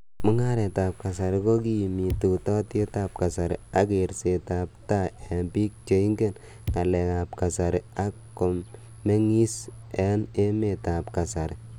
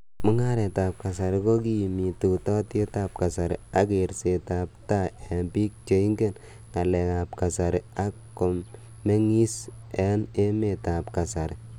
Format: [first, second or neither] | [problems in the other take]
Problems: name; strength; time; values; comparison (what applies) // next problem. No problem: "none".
second | background sound (Bass drum); 6 dB below the speech